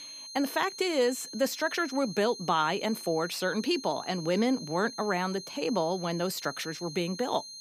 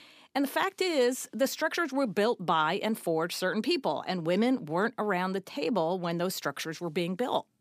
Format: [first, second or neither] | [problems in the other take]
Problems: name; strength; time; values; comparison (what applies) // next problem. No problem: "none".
second | high-pitched whine; noticeable; throughout; 4 kHz, 10 dB below the speech